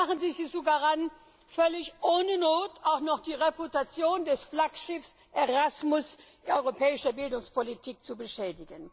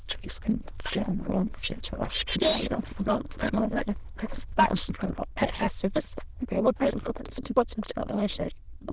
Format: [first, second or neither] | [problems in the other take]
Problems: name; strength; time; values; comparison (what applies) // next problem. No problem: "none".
first | noise reduction (neural diffusion model UNIVERSE++)